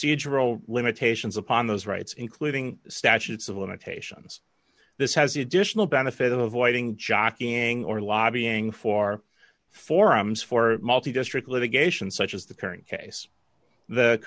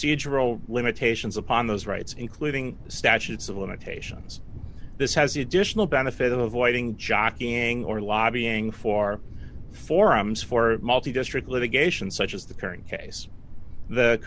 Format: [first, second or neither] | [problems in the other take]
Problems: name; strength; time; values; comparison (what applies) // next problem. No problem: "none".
first | background sound (Thunder); 12 dB below the speech